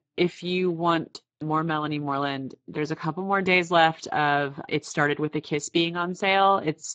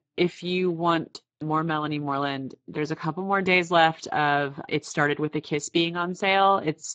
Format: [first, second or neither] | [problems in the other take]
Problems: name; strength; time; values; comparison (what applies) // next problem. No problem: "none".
neither | garbled, watery; badly; nothing above 7.5 kHz; the same in both